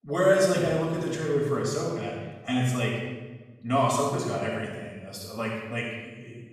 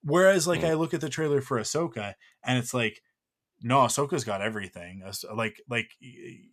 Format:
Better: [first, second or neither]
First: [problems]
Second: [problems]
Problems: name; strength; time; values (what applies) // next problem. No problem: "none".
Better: second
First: off-mic speech; far // room echo; strong; dies away in 1.2 s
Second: none